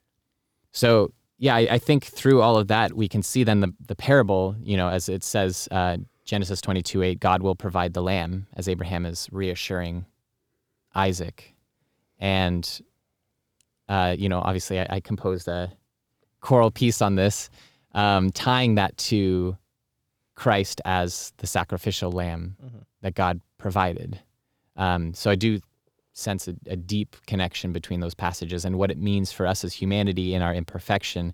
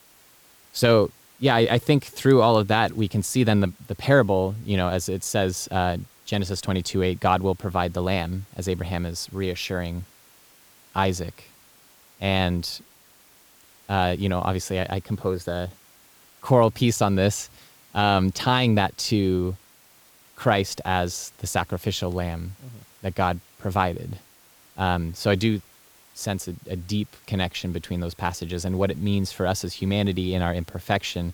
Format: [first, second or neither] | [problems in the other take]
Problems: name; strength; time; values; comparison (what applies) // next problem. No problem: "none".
first | hiss; faint; throughout; 25 dB below the speech